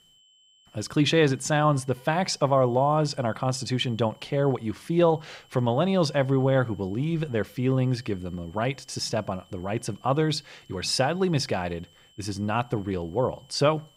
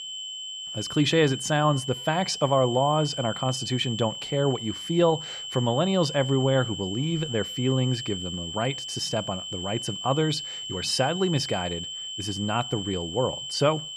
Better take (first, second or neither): first